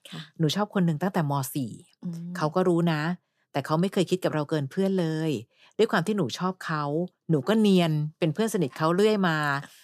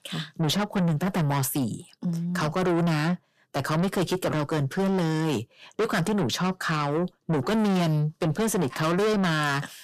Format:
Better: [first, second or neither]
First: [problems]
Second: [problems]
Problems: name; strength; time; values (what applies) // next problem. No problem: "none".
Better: first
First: none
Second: distortion; heavy; 5 dB below the speech